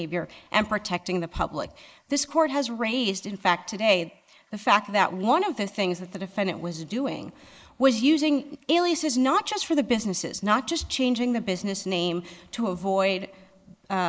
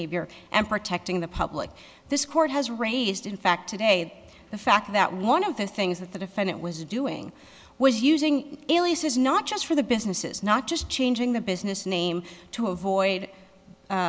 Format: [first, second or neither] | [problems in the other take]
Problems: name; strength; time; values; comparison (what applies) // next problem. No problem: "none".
second | noise reduction (neural mask model Resemble Enhance denoiser)